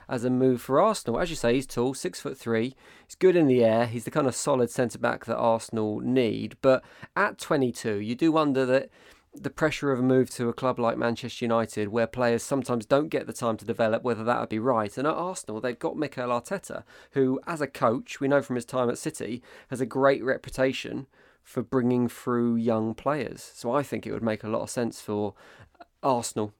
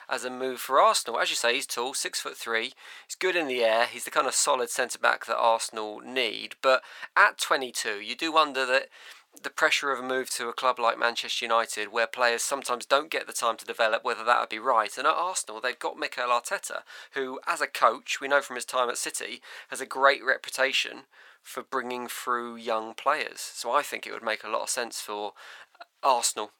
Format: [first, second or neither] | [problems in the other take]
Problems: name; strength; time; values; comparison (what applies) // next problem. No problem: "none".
first | thin; very; fading below 950 Hz